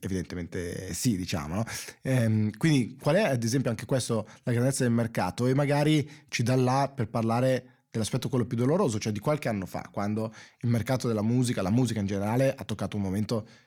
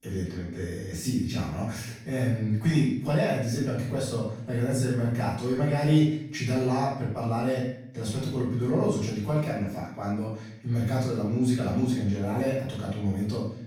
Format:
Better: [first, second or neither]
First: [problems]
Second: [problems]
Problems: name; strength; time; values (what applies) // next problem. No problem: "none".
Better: first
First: none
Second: off-mic speech; far // room echo; noticeable; dies away in 0.6 s